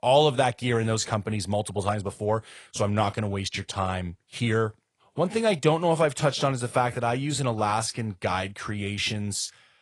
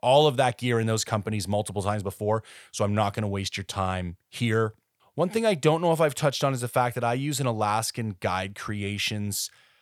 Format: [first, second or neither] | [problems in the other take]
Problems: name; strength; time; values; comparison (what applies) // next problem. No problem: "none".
second | garbled, watery; slightly; nothing above 10.5 kHz